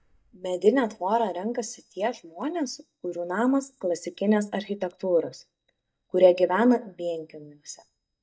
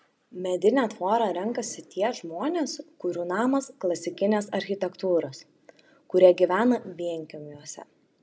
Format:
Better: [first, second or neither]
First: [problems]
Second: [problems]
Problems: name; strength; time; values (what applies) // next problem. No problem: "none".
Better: second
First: noise reduction (neural mask model DeepFilterNet 3)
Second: none